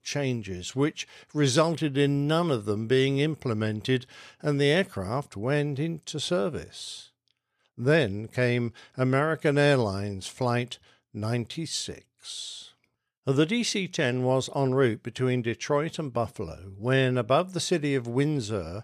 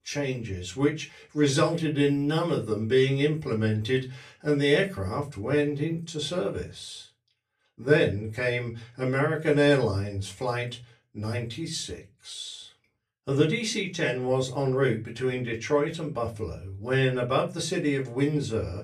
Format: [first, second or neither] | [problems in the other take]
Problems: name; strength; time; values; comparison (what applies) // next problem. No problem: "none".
first | off-mic speech; far // room echo; very slight; dies away in 0.2 s